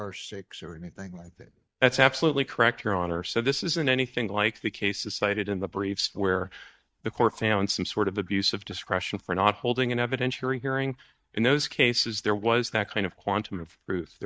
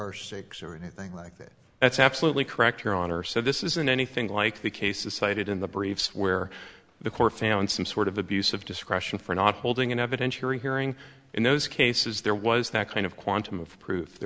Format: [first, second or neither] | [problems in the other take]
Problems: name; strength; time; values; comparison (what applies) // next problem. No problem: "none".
second | noise reduction (neural mask model DeepFilterNet 3)